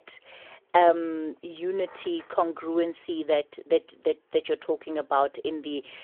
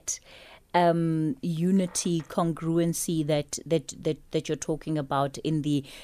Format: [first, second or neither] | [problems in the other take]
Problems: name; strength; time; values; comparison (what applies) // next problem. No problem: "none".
second | phone-call audio